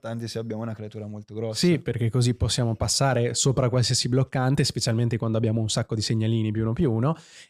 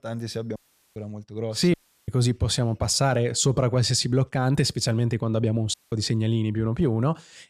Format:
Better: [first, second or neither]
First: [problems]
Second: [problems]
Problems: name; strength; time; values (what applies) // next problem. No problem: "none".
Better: first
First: none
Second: audio cutting out; at 0.5 s, at 1.5 s and at 5.5 s